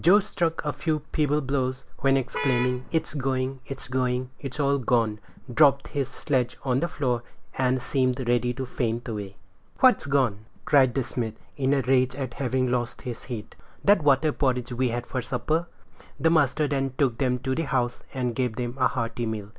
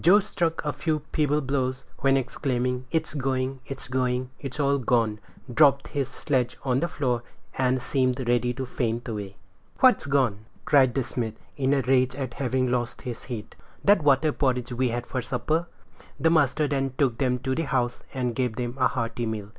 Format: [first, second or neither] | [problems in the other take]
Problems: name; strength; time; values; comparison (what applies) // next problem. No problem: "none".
second | background sound (Vehicle horn, car horn, honking); 8 dB below the speech